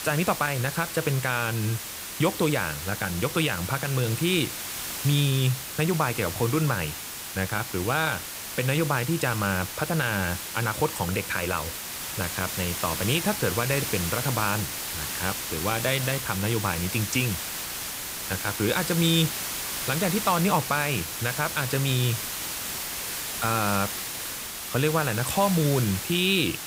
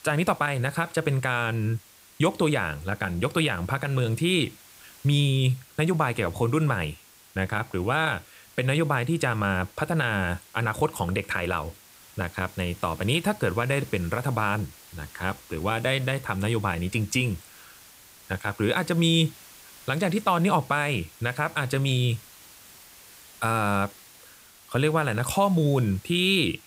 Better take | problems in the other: second | hiss; loud; throughout; 4 dB below the speech; faint in the second

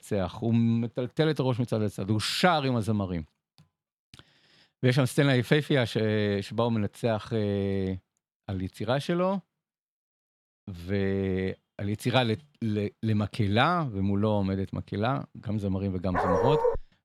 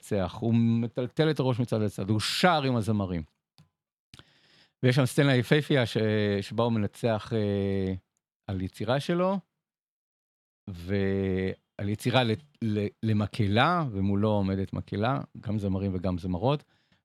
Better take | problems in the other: second | dog barking; loud; at 16 s; peak 3 dB above the speech

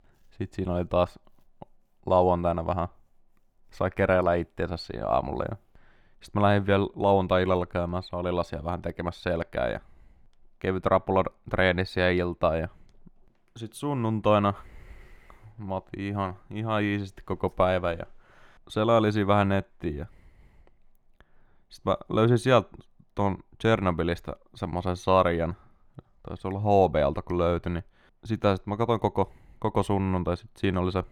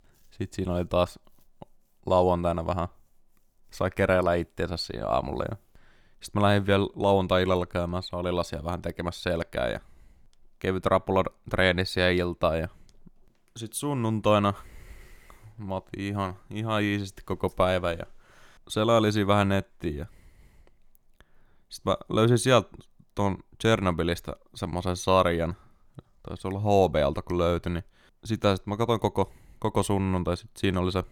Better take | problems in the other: second | muffled; slightly; fading above 4 kHz

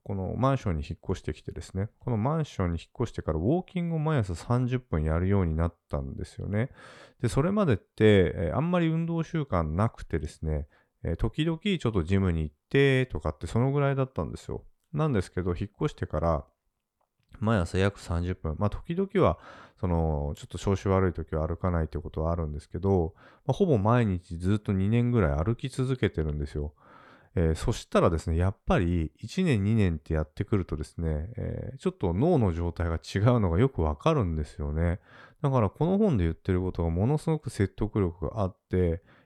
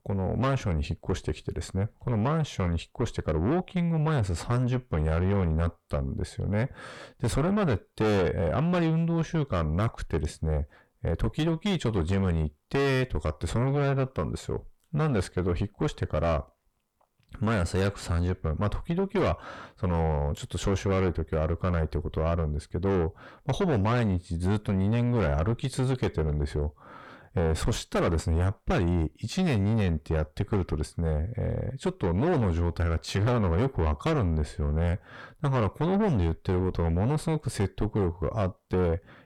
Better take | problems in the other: first | distortion; heavy; 5 dB below the speech

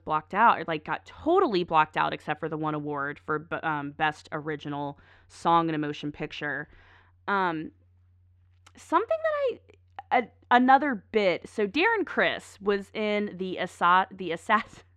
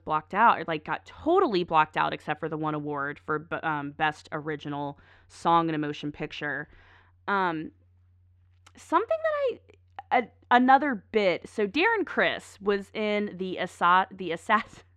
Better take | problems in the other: neither | muffled; slightly; fading above 2.5 kHz; the same in both

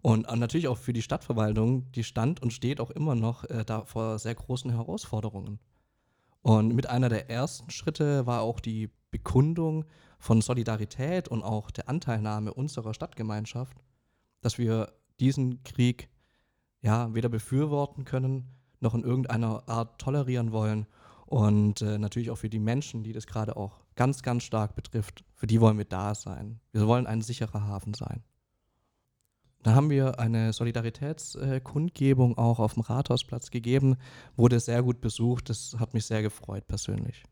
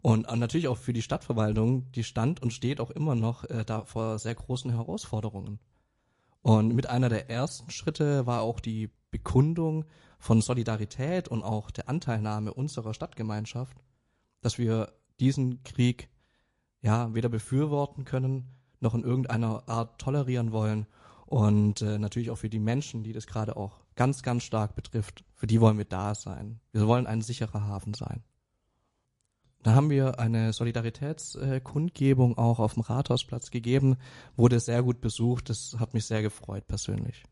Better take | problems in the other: first | garbled, watery; slightly

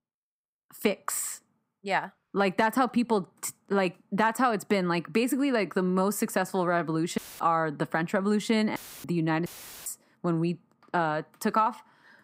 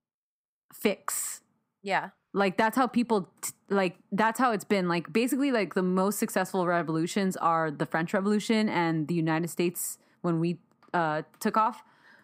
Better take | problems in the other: second | audio cutting out; filled with static; at 7 s, at 9 s and at 9.5 s

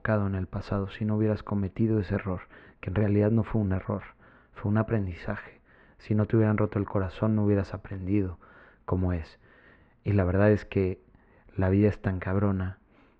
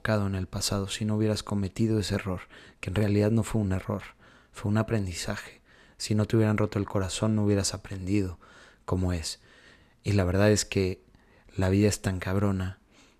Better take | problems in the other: second | muffled; very; fading above 2 kHz

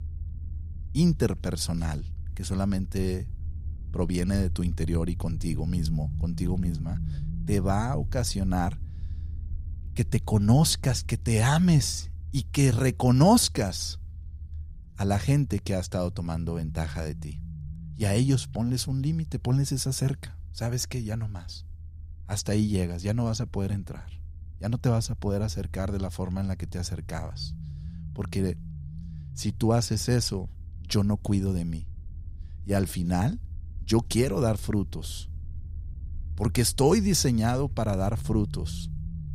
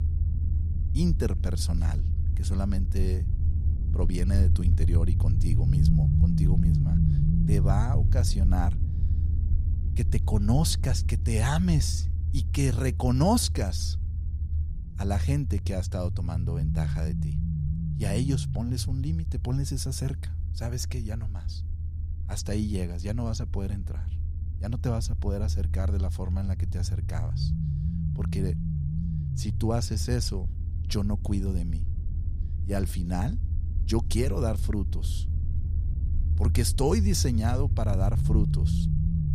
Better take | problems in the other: first | low rumble; loud; throughout; 8 dB below the speech; faint in the first

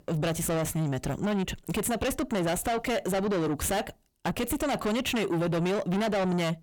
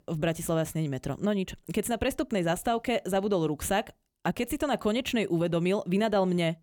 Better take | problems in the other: second | distortion; heavy; 6 dB below the speech

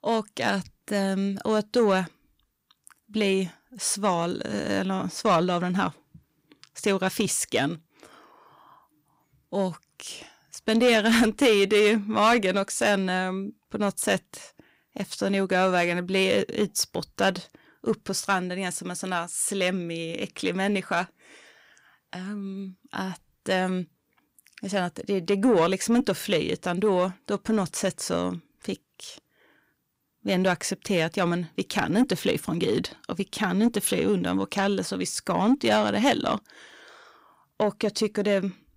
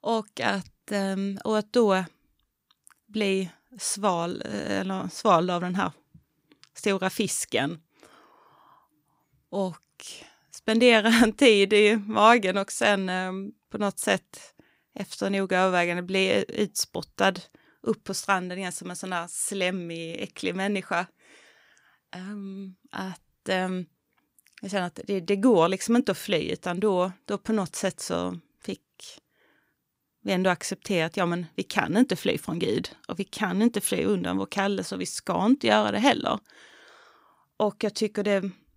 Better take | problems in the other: second | distortion; slight; 10 dB below the speech

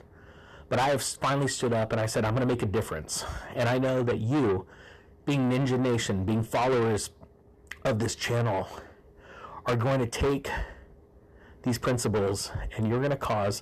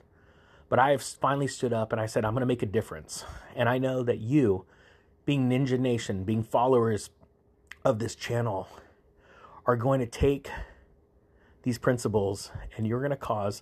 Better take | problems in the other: second | distortion; heavy; 7 dB below the speech

